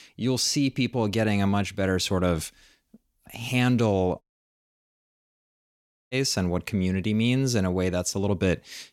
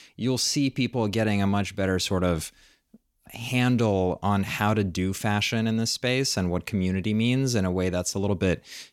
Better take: second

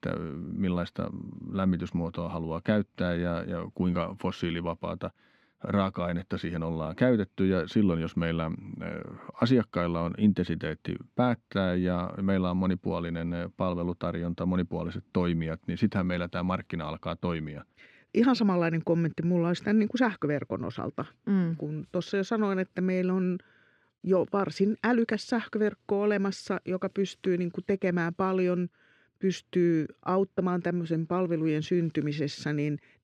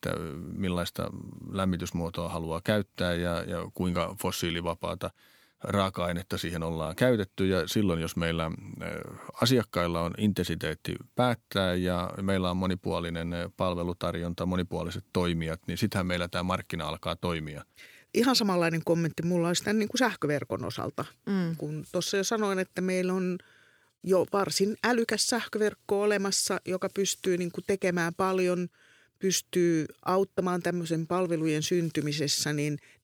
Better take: second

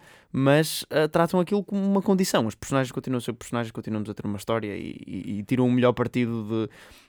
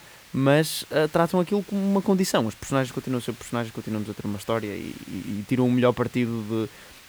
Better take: first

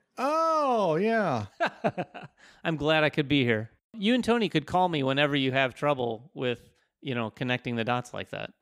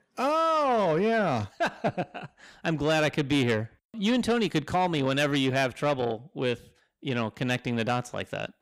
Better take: first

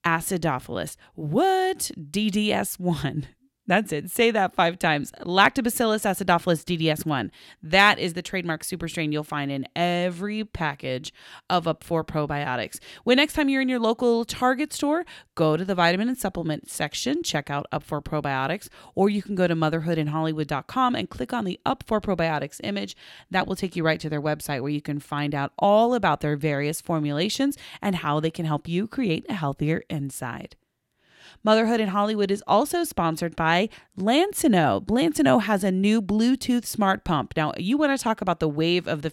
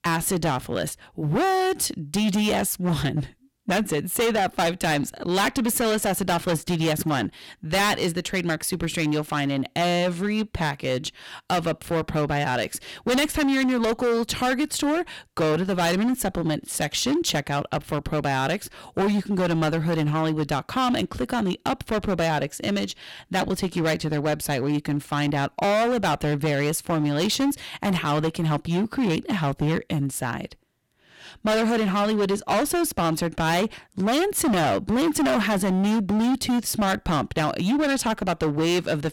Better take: first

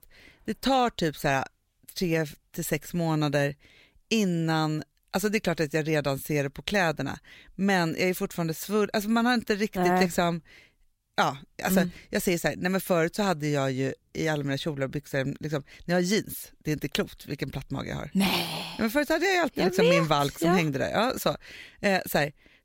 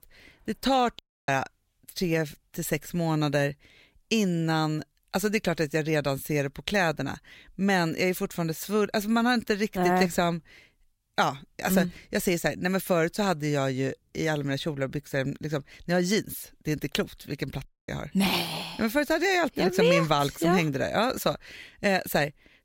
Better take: first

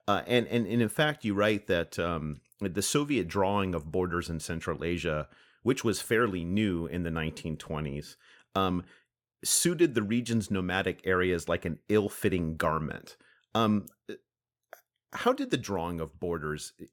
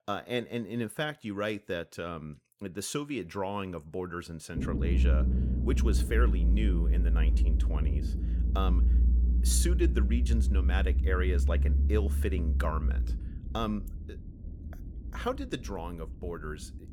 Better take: first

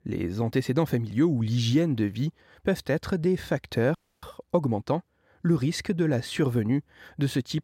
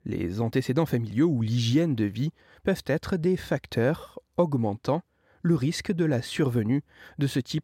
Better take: second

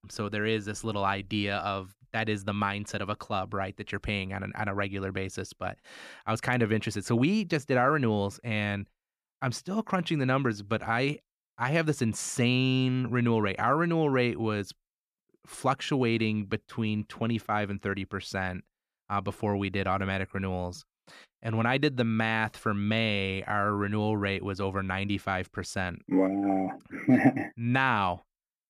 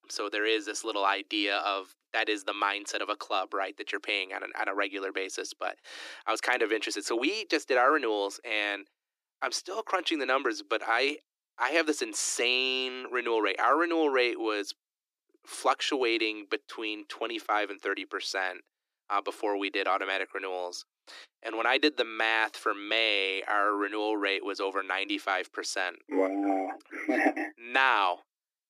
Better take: first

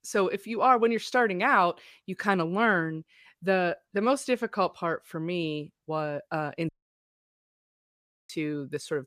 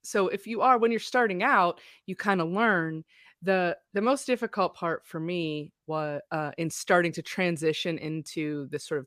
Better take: second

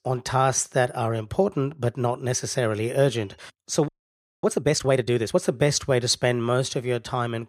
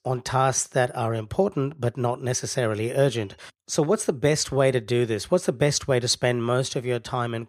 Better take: second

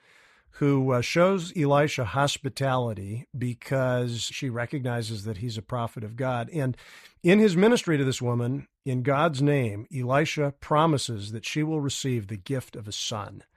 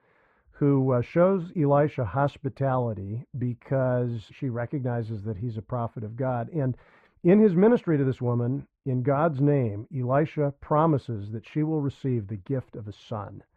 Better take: first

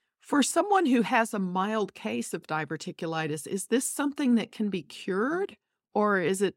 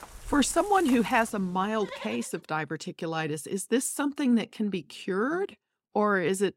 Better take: first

